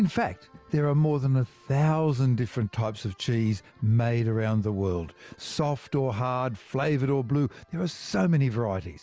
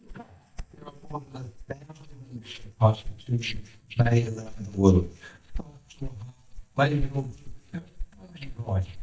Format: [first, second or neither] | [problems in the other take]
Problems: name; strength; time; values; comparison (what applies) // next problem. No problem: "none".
first | noise reduction (neural mask model DeepFilterNet 3)